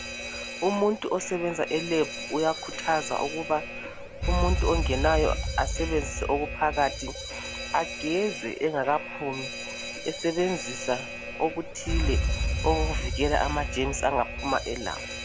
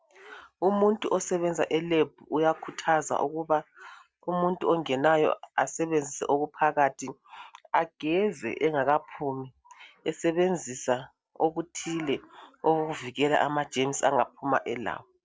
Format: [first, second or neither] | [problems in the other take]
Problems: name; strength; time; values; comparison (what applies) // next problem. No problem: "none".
second | background sound (Alarm); 3 dB below the speech